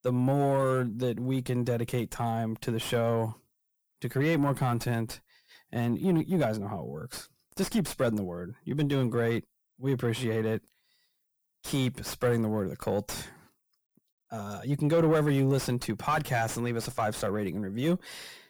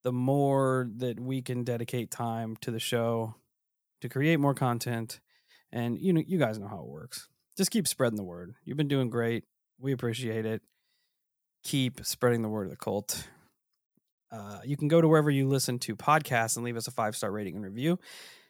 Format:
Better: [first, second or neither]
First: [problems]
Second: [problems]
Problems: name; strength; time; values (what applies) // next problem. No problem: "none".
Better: second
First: distortion; heavy; 7 dB below the speech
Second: none